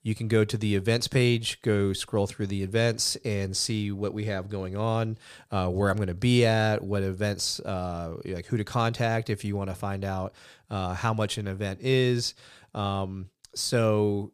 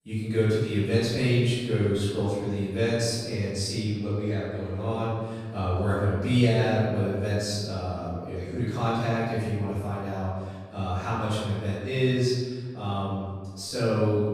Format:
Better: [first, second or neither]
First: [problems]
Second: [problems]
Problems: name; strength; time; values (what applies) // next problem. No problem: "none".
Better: first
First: none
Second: off-mic speech; far // room echo; strong; dies away in 1.5 s